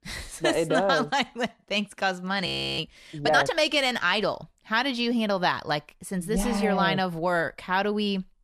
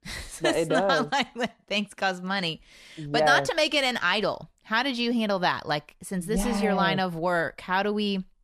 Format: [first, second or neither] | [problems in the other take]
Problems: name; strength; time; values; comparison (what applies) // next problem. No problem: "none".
second | audio freezing; at 2.5 s